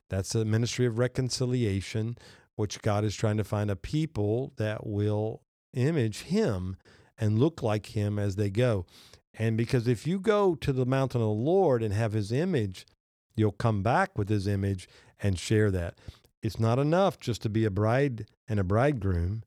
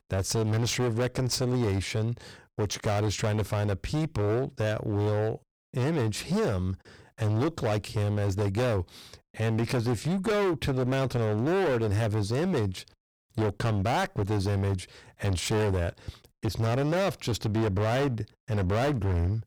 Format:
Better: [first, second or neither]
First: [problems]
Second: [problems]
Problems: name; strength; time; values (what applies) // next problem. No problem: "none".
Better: first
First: none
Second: distortion; heavy; 26% of the sound clipped